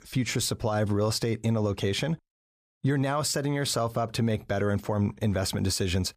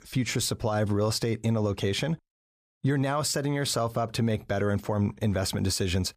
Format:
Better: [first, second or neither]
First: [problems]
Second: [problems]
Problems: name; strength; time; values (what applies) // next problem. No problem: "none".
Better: neither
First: none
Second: none